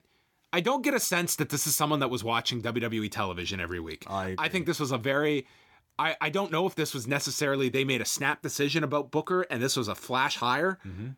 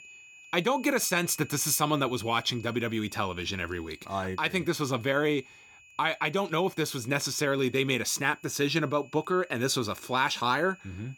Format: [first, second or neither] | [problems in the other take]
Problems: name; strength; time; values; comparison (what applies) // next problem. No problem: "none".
first | high-pitched whine; faint; throughout; 2.5 kHz, 20 dB below the speech